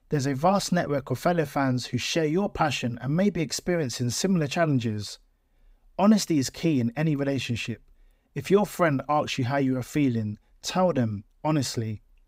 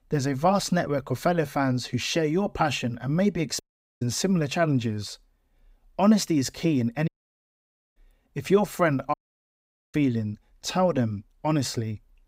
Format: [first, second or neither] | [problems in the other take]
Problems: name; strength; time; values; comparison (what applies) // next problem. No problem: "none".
first | audio cutting out; at 3.5 s, at 7 s for 1 s and at 9 s for 1 s